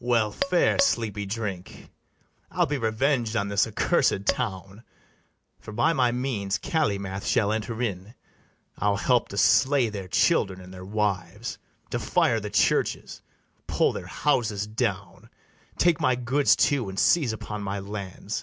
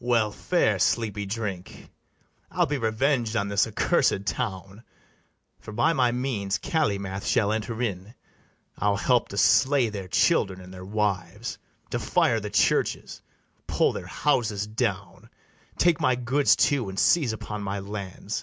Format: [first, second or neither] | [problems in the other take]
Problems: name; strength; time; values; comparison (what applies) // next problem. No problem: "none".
second | background sound (Tap / Glass); 5 dB below the speech